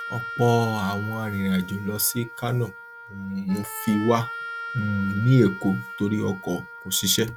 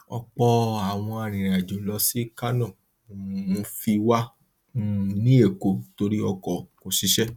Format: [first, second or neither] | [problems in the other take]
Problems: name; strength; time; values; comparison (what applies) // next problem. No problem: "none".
second | background sound (Wind instrument, woodwind instrument); 12 dB below the speech